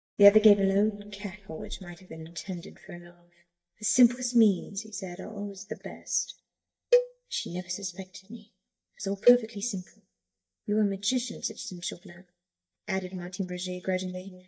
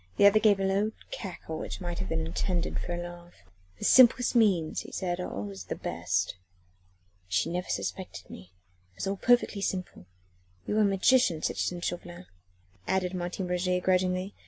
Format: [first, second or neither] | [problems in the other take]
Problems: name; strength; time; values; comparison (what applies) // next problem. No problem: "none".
second | noise reduction (neural mask model DeepFilterNet 3)